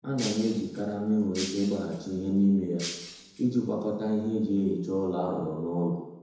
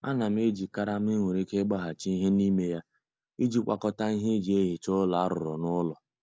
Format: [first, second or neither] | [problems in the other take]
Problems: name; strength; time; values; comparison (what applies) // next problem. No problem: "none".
second | background sound (Shatter); 14 dB below the speech // room echo; dies away in 1 s